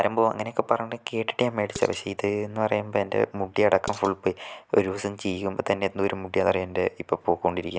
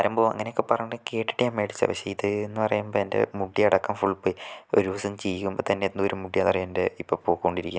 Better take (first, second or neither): second